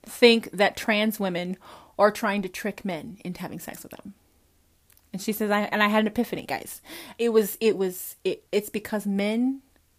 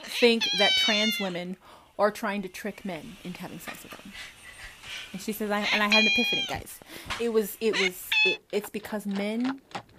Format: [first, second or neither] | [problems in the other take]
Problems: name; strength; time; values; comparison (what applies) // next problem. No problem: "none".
first | animal sounds; very loud; throughout; 5 dB above the speech